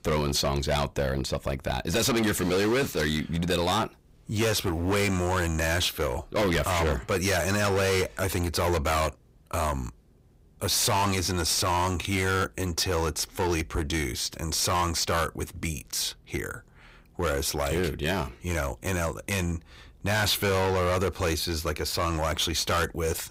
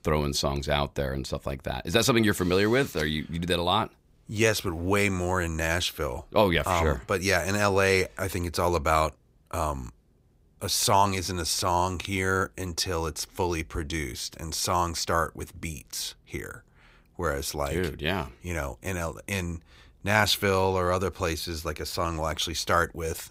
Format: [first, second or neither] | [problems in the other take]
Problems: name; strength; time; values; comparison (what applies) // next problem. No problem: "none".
second | distortion; heavy; 16% of the sound clipped